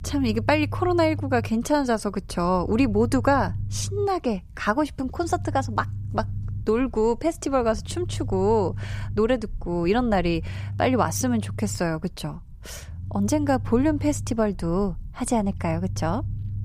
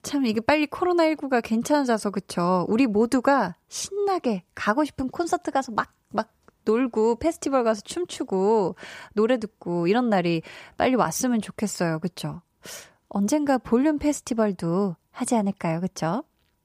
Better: second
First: low rumble; faint; throughout; 20 dB below the speech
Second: none

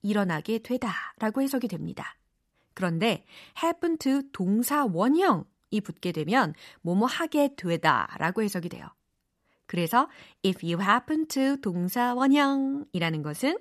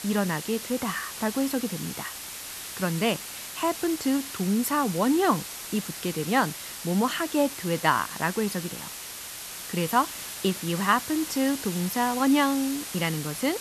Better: first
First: none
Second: hiss; loud; throughout; 8 dB below the speech

